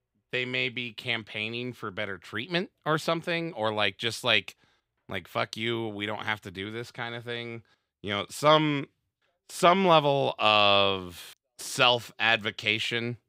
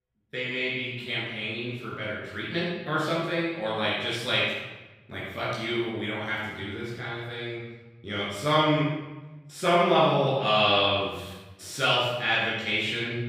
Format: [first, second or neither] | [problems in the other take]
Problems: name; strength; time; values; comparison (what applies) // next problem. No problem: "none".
first | off-mic speech; far // room echo; strong; dies away in 1.1 s